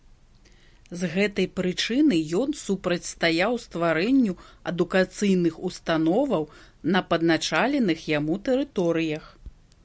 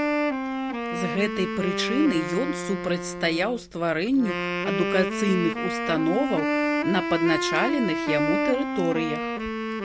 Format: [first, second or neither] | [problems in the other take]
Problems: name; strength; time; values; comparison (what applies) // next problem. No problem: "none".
first | background sound (Wind instrument, woodwind instrument); 1 dB below the speech